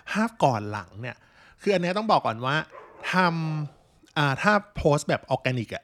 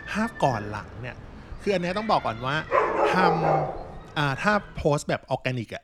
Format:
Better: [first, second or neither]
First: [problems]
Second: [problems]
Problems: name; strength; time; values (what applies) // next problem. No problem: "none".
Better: first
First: animal sounds; faint; throughout; 25 dB below the speech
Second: animal sounds; loud; throughout; as loud as the speech